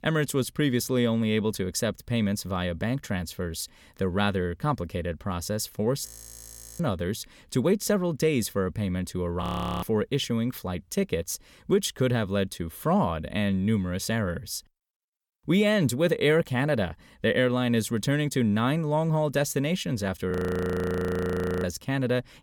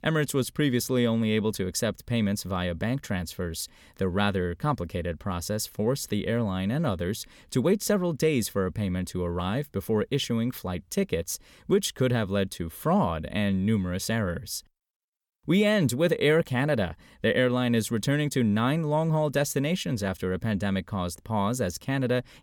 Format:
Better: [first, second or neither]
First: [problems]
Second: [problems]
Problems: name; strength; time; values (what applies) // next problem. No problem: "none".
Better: second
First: audio freezing; at 6 s for 0.5 s, at 9.5 s and at 20 s for 1.5 s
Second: none